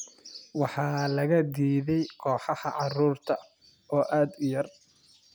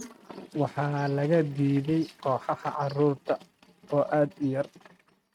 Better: first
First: none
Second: noise reduction (neural mask model RNNoise)

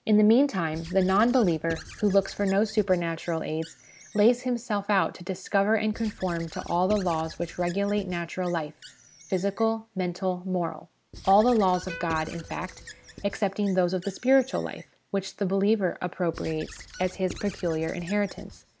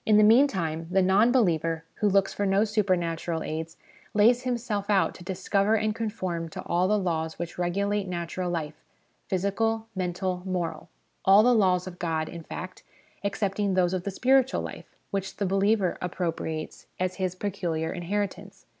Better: second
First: background sound (Squeak / Writing + Plucked string instrument); 19 dB below the speech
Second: none

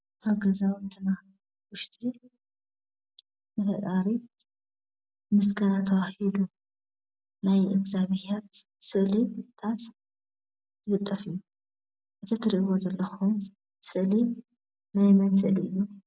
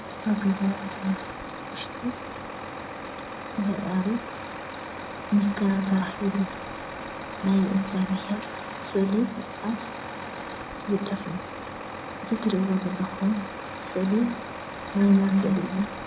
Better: first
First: none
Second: background sound (Truck); 8 dB below the speech

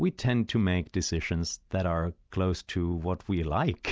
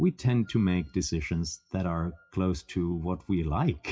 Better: first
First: none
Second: noise reduction (classical method WPE with log-MMSE)

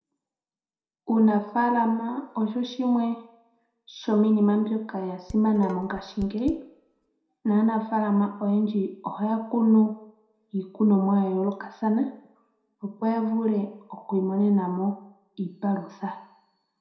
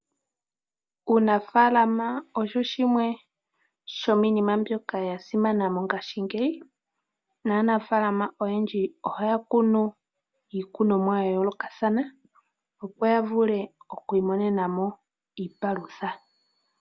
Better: second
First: background sound (Dishes, pots, and pans); 16 dB below the speech // room echo; dies away in 0.5 s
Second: none

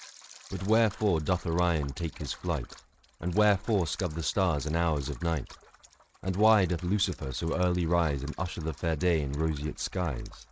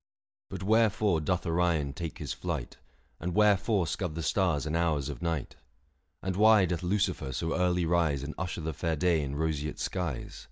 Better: second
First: noise reduction (neural mask model RNNoise)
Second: none

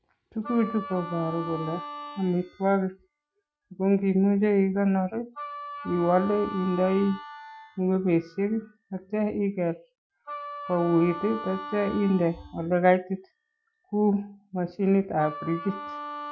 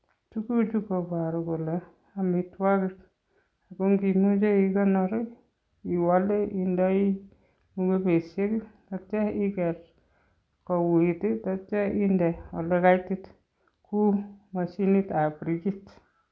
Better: second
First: noise reduction (classical method Wiener filter)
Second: none

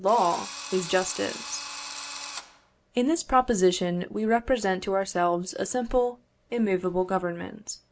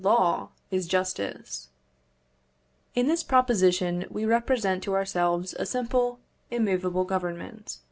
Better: second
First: background sound (Drill); 11 dB below the speech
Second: none

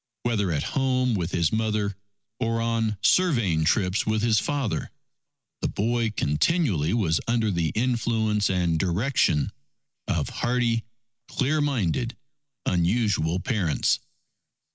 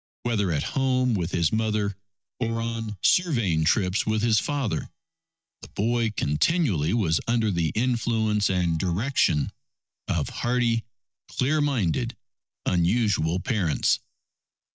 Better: first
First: none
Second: noise reduction (neural mask model DeepFilterNet 3)

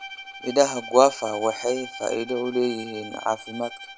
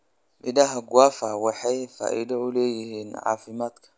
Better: second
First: background sound (Bowed string instrument); 14 dB below the speech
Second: none

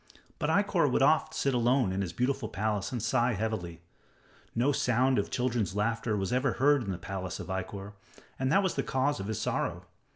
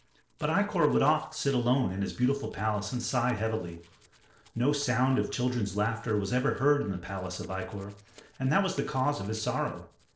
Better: first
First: none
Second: noise reduction (neural separator model SepFormer DNS4)

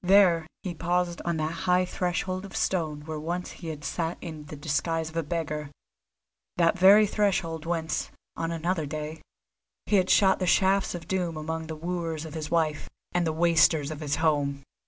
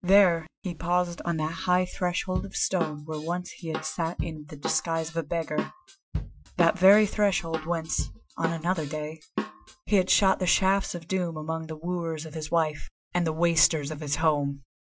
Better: first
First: none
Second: noise reduction (classical method Wiener filter)

